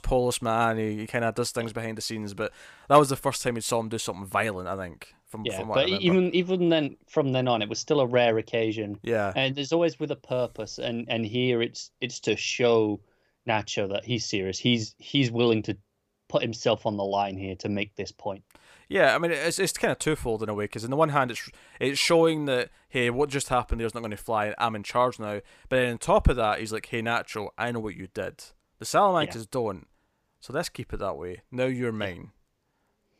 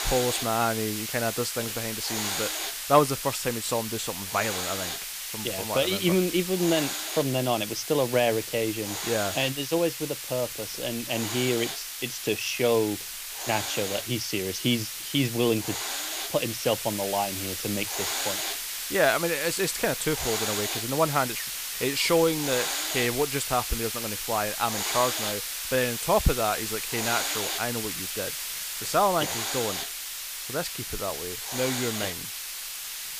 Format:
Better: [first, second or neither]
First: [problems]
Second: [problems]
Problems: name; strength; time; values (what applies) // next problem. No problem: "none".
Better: first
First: none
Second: hiss; loud; throughout; 3 dB below the speech